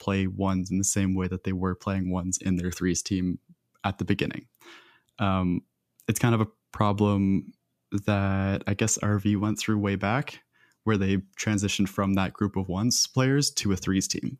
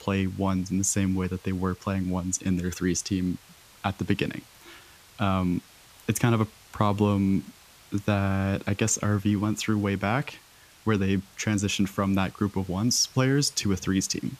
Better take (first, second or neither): first